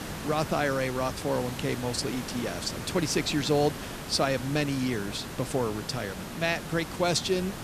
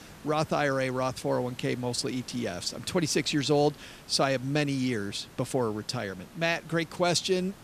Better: second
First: hiss; loud; throughout; 8 dB below the speech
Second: hiss; faint; throughout; 20 dB below the speech

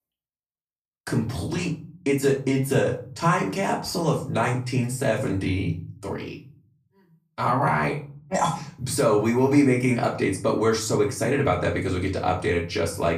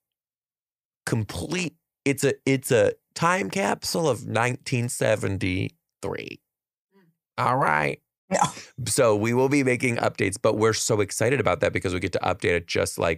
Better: second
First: off-mic speech; far // room echo; slight; dies away in 0.5 s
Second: none

